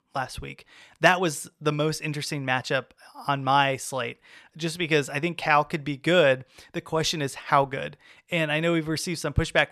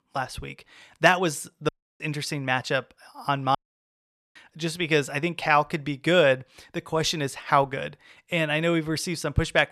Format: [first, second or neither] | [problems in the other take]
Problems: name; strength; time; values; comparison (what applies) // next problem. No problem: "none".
first | audio cutting out; at 1.5 s and at 3.5 s for 1 s